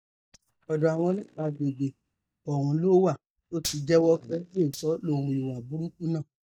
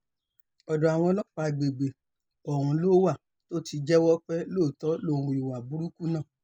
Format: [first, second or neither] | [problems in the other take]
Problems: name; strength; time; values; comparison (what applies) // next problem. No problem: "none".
second | noise reduction (neural mask model DeepFilterNet 3)